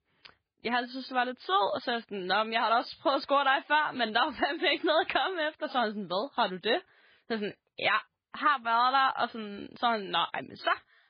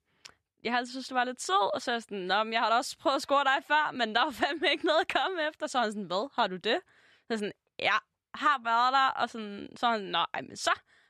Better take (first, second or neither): second